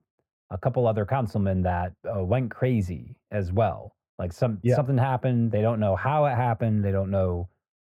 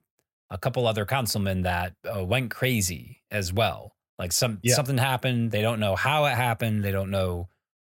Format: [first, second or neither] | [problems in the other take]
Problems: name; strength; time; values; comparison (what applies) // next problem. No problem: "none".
second | muffled; very; fading above 2.5 kHz